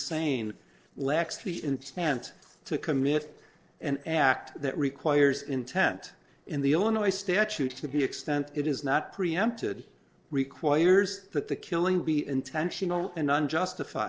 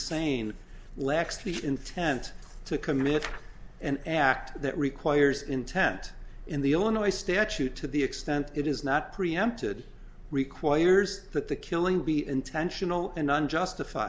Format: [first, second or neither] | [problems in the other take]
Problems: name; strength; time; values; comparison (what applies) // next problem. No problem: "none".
second | noise reduction (neural separator model SepFormer DNS4)